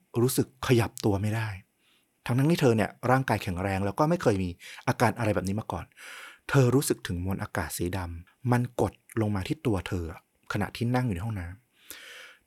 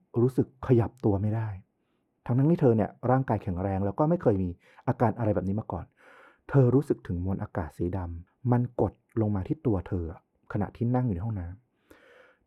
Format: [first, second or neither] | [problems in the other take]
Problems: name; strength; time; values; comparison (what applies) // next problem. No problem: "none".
first | muffled; very; fading above 2 kHz